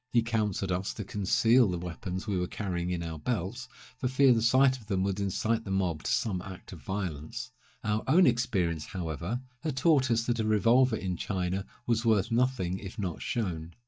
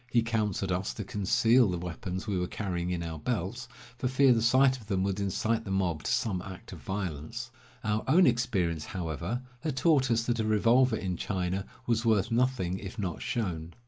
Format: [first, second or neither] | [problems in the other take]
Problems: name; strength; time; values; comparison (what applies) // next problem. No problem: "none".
second | noise reduction (neural mask model DeepFilterNet 3)